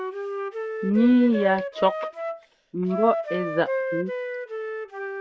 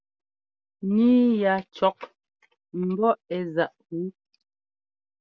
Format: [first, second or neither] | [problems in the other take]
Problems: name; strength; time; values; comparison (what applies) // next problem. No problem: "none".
second | background sound (Wind instrument, woodwind instrument); 5 dB below the speech